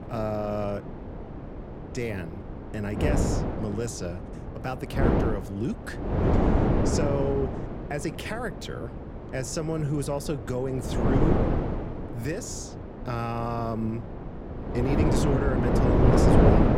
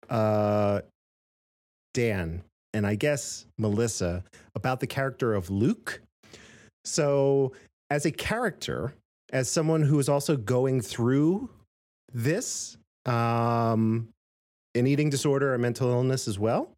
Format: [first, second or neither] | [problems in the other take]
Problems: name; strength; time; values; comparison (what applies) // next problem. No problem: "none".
second | wind noise on the microphone; heavy; 4 dB above the speech